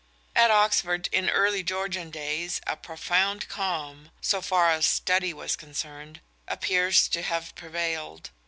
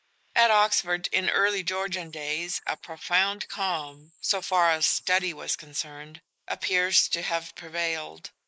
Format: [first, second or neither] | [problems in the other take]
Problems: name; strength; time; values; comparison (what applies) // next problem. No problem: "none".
first | noise reduction (neural mask model Resemble Enhance denoiser)